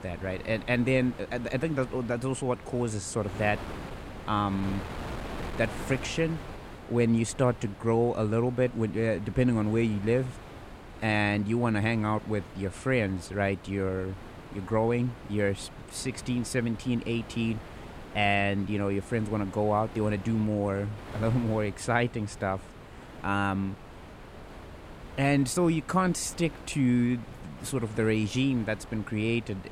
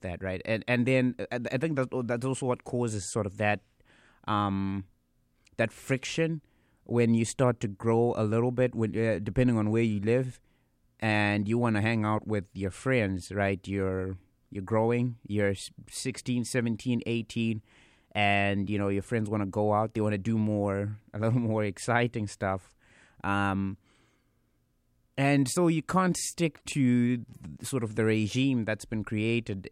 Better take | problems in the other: second | wind noise on the microphone; occasional gusts; 15 dB below the speech

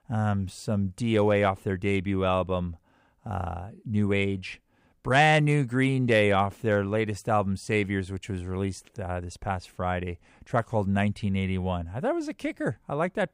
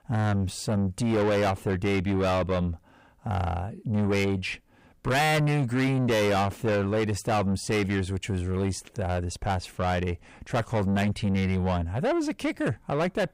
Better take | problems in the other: first | distortion; heavy; 7 dB below the speech

